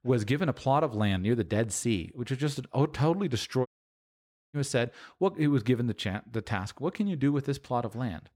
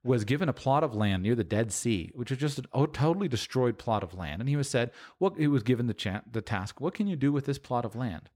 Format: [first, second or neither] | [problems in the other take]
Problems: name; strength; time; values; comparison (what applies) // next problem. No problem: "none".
second | audio cutting out; at 3.5 s for 1 s